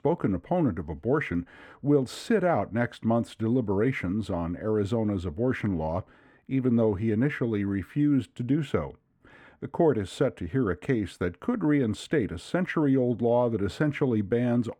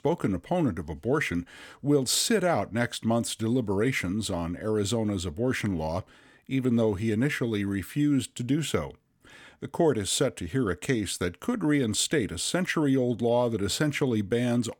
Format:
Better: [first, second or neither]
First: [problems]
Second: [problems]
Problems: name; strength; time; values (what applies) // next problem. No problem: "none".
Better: second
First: muffled; very; fading above 3 kHz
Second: none